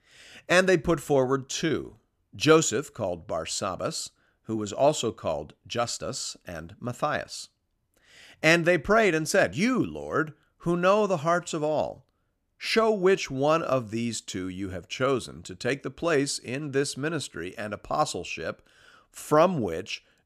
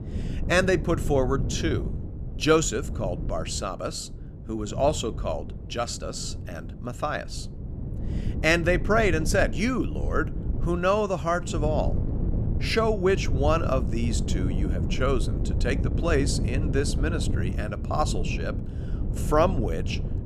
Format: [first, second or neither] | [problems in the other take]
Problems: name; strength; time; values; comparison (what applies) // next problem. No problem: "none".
first | wind noise on the microphone; occasional gusts; 15 dB below the speech